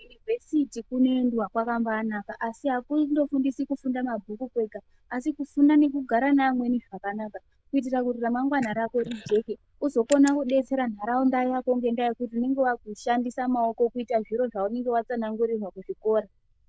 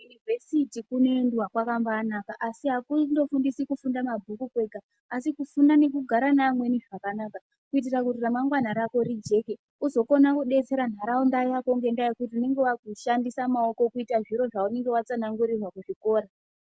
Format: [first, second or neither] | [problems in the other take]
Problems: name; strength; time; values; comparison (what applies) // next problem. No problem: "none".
second | noise reduction (neural diffusion model UNIVERSE++)